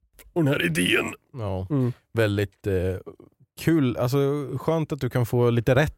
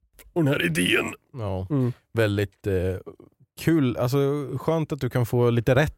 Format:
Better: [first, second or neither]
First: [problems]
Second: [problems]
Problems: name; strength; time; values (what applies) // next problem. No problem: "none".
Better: neither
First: none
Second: none